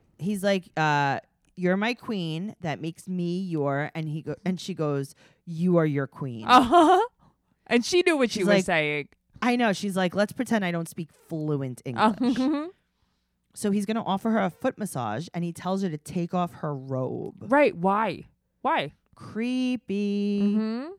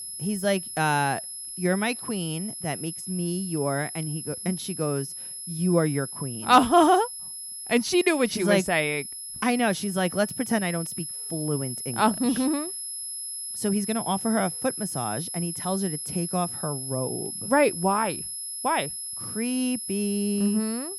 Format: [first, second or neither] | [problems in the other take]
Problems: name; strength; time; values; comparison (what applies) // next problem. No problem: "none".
first | high-pitched whine; loud; throughout; 11 kHz, 7 dB below the speech